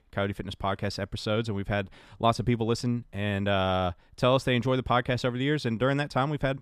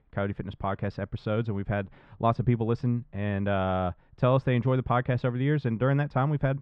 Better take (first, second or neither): first